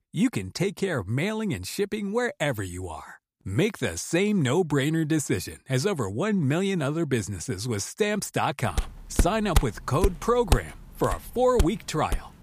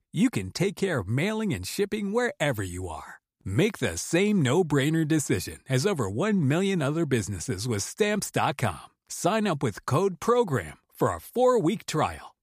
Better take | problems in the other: second | footsteps; noticeable; from 9 s on; peak 1 dB below the speech

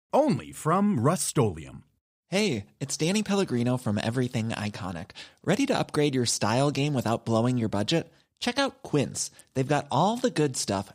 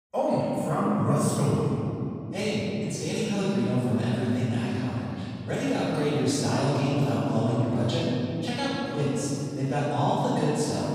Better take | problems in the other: first | room echo; strong; dies away in 3 s // off-mic speech; far

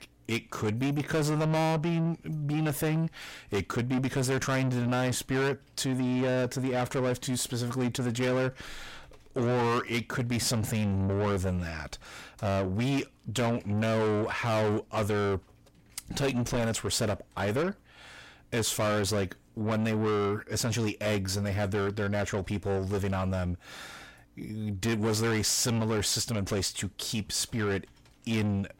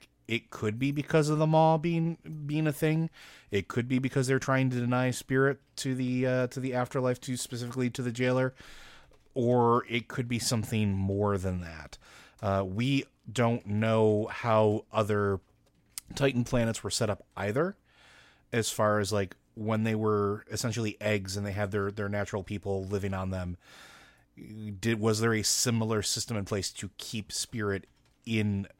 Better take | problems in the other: second | distortion; heavy; 7 dB below the speech

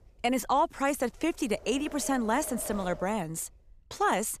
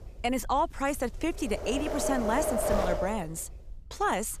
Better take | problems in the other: first | wind noise on the microphone; heavy; as loud as the speech; occasional gusts in the first

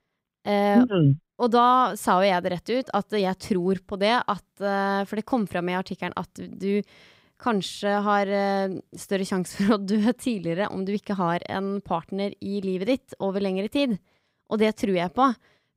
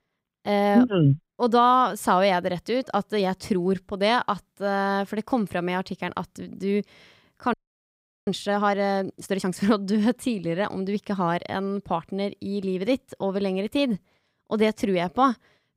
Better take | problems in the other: first | audio freezing; at 7.5 s for 0.5 s

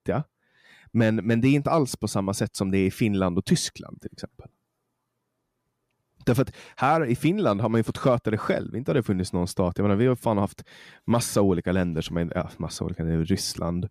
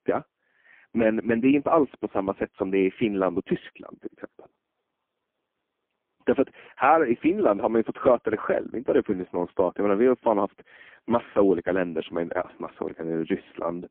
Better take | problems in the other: first | phone-call audio; poor line

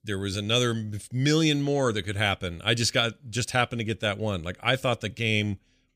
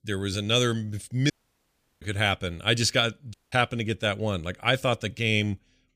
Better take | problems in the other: first | audio cutting out; at 1.5 s for 0.5 s and at 3.5 s

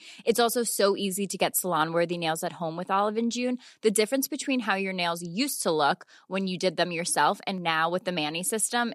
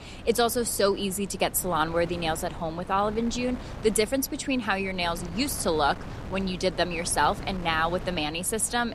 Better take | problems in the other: first | wind noise on the microphone; occasional gusts; 15 dB below the speech

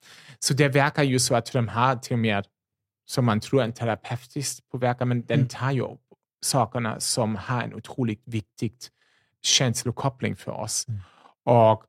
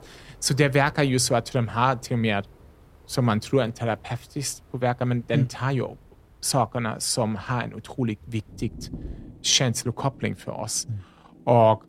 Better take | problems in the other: first | rain or running water; faint; throughout; 25 dB below the speech

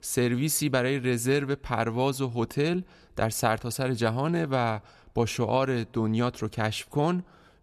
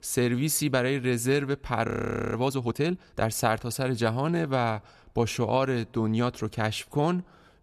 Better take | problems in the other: first | audio freezing; at 2 s

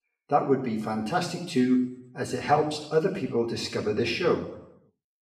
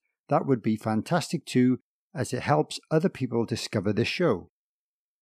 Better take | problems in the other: second | room echo; slight; dies away in 0.7 s // off-mic speech; far

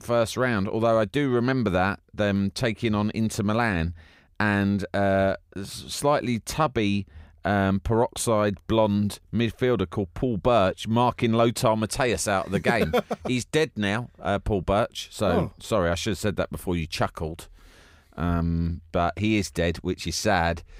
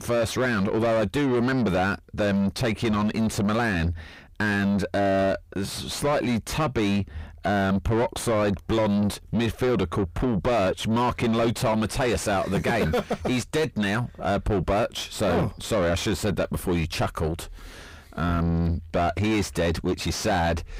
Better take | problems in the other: first | distortion; heavy; 5 dB below the speech

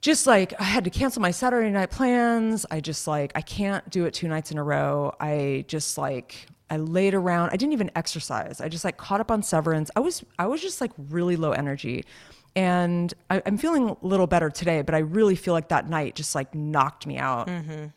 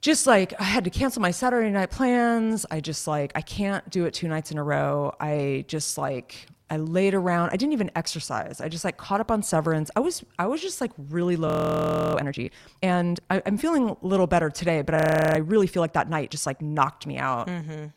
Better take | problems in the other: first | audio freezing; at 11 s for 0.5 s and at 15 s

